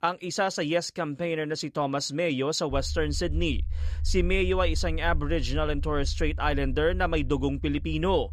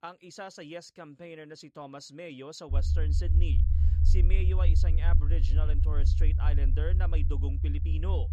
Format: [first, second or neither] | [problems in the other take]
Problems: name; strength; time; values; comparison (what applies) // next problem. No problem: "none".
first | low rumble; loud; from 2.5 s on; 3 dB below the speech; faint in the first